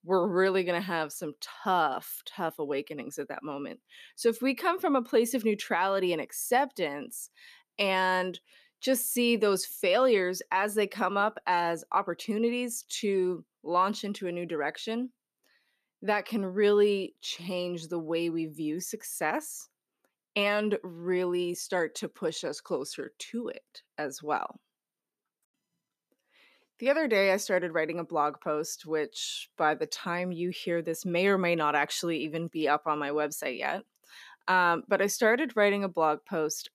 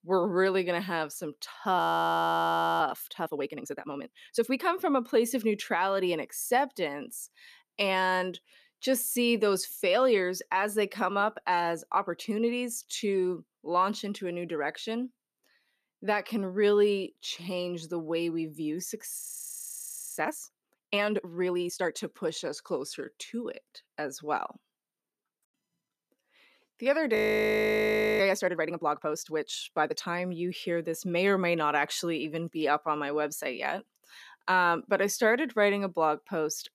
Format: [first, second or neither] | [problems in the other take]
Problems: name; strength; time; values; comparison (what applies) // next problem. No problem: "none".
first | audio freezing; at 2 s for 1 s, at 19 s for 1 s and at 27 s for 1 s